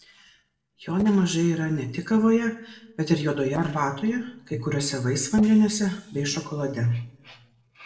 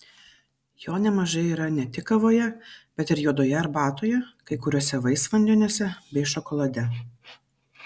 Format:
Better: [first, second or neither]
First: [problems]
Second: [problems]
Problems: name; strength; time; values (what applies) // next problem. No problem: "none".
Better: second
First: noise reduction (neural separator model SepFormer DNS4)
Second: none